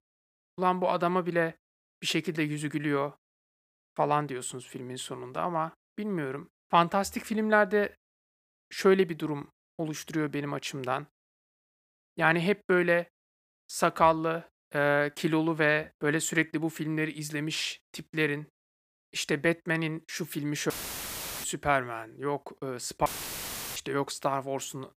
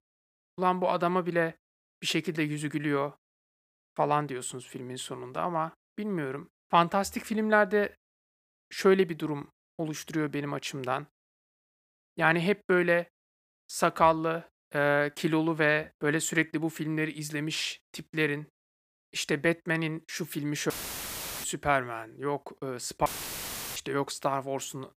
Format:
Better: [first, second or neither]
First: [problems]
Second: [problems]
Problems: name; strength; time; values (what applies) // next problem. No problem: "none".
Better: neither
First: audio cutting out; filled with static; at 21 s for 0.5 s and at 23 s for 0.5 s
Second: audio cutting out; filled with static; at 21 s for 0.5 s and at 23 s for 0.5 s